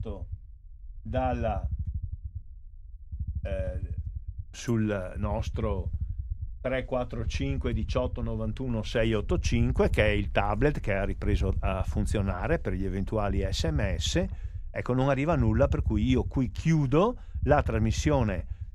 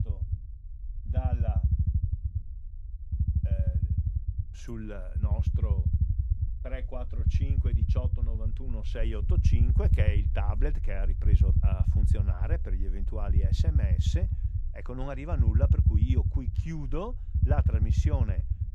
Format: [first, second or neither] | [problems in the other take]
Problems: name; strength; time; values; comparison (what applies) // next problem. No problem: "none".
first | low rumble; loud; throughout; 2 dB below the speech; faint in the first